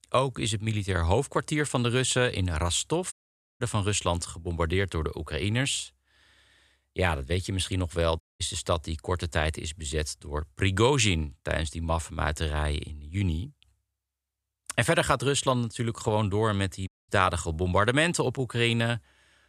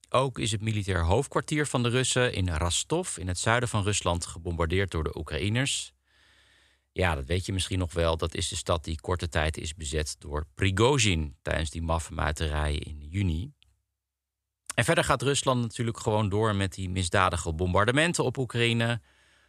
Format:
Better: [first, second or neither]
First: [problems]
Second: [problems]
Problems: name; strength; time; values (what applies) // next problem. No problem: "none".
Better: second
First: audio cutting out; at 3 s, at 8 s and at 17 s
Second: none